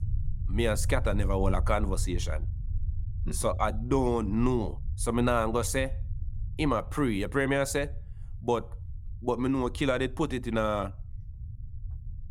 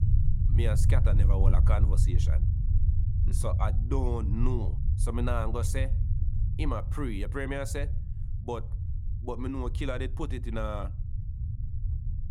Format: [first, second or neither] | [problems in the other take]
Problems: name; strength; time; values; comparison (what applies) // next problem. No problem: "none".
first | low rumble; loud; throughout; 9 dB below the speech; faint in the first